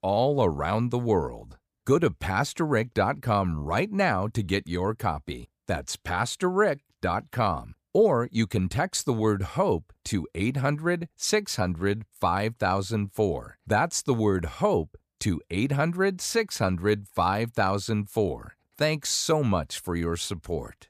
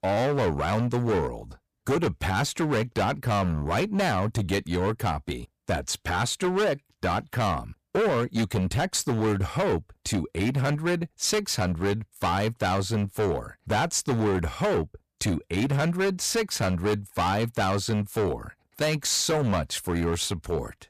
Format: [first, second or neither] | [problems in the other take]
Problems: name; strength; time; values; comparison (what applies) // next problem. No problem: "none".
first | distortion; heavy; 17% of the sound clipped